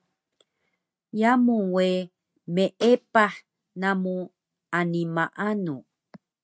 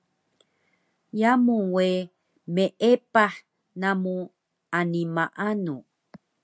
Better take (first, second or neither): second